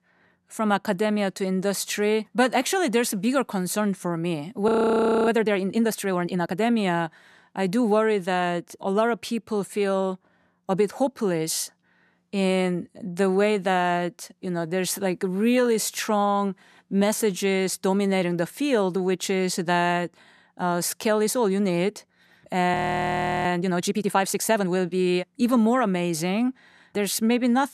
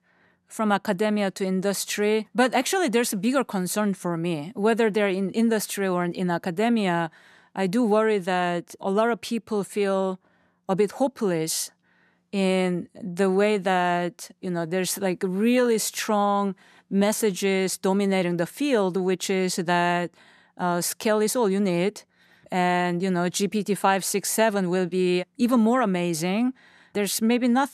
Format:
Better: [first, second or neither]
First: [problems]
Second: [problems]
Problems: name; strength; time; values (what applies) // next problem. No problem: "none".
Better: second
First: audio freezing; at 4.5 s for 0.5 s and at 23 s for 0.5 s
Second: none